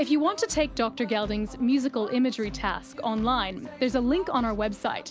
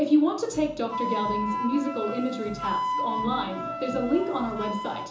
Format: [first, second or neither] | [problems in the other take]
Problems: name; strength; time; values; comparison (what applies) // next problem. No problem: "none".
first | background sound (Wind instrument, woodwind instrument); 5 dB below the speech // room echo; dies away in 0.6 s